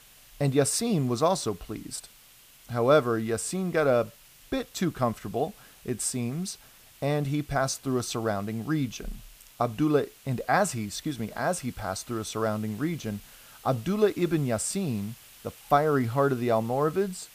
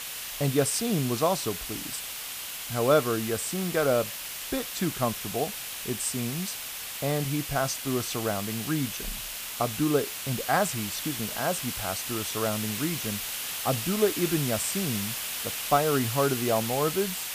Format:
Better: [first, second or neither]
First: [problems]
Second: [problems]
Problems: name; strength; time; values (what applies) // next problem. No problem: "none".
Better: first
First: hiss; faint; throughout; 25 dB below the speech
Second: hiss; loud; throughout; 4 dB below the speech